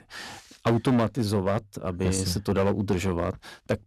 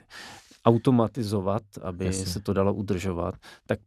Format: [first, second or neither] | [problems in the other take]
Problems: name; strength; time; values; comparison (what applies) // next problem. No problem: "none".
second | distortion; heavy; 6% of the sound clipped